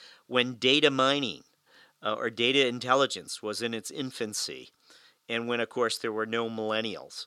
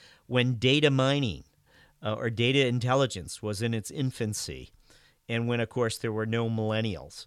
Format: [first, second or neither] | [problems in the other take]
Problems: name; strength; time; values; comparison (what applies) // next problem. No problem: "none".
second | thin; somewhat; fading below 300 Hz